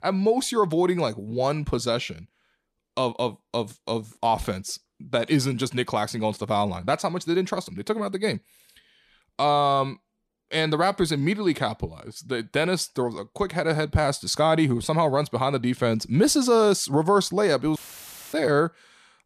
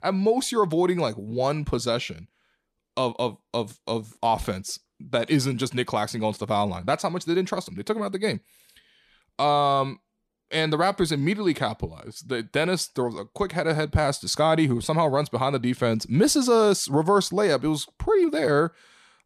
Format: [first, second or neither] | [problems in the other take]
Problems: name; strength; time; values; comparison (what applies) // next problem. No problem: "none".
second | audio cutting out; filled with static; at 18 s for 0.5 s